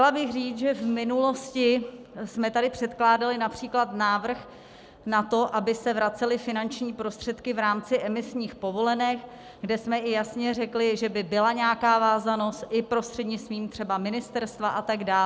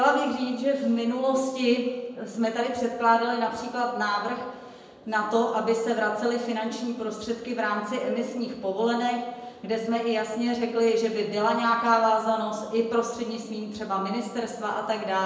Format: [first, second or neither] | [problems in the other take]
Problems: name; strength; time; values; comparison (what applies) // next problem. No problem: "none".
first | room echo; dies away in 1 s